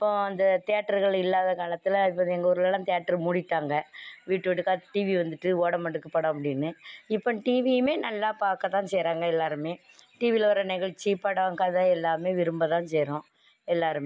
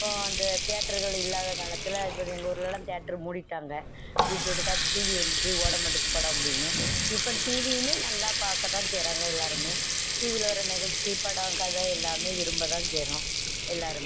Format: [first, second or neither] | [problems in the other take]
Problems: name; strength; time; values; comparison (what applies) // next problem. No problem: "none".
first | background sound (Water tap, faucet); 5 dB above the speech